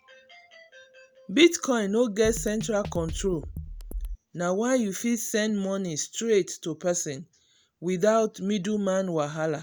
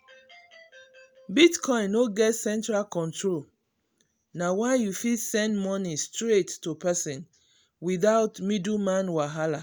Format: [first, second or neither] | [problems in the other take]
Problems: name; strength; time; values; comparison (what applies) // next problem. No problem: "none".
second | background sound (Drum kit); 9 dB below the speech